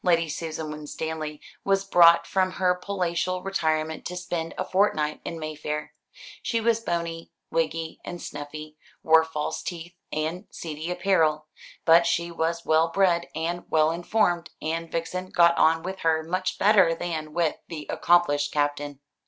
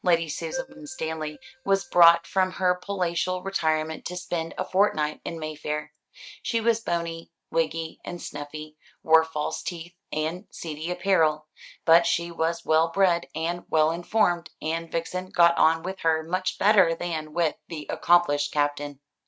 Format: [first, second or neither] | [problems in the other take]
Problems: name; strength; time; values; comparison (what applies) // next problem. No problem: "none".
first | noise reduction (neural mask model RNNoise)